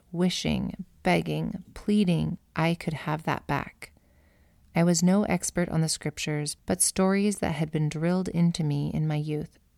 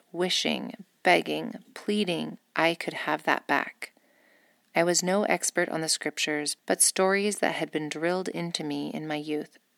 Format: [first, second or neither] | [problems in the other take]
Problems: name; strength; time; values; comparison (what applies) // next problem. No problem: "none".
first | thin; somewhat; fading below 250 Hz